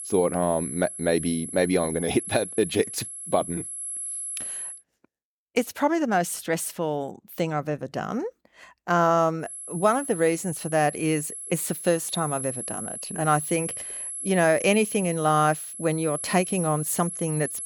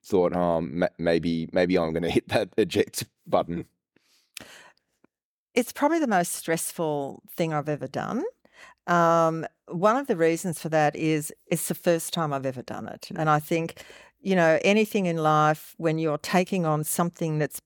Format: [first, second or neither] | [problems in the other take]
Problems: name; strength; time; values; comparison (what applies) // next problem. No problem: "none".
second | high-pitched whine; loud; until 4.5 s and from 9.5 s on; 11 kHz, 7 dB below the speech